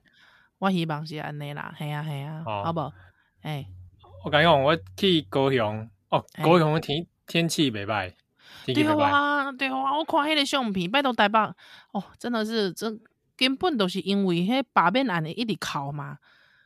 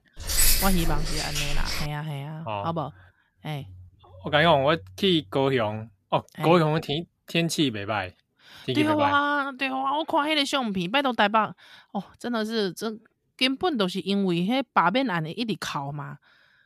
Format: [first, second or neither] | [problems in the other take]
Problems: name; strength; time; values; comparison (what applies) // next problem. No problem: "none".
first | jangling keys; loud; until 2 s; peak 5 dB above the speech